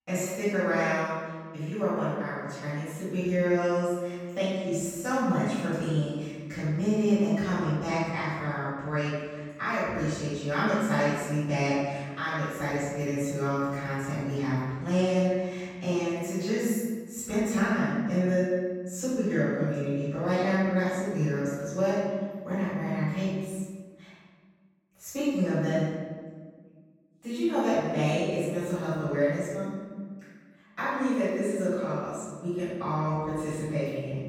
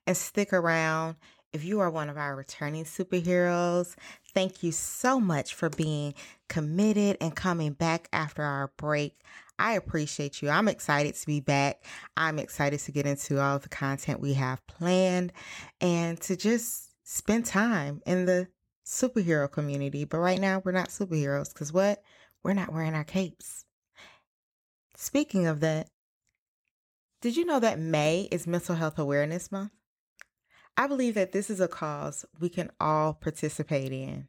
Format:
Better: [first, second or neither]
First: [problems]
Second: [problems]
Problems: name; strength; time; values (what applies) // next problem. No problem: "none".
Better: second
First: off-mic speech; far // room echo; strong; dies away in 1.5 s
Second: none